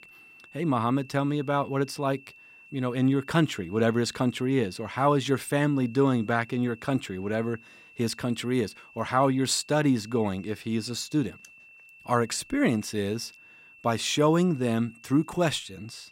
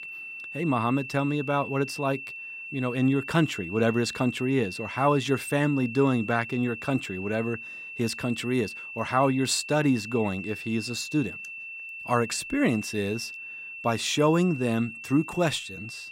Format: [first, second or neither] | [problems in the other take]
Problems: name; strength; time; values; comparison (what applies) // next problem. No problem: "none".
first | high-pitched whine; loud; throughout; 2.5 kHz, 10 dB below the speech; faint in the first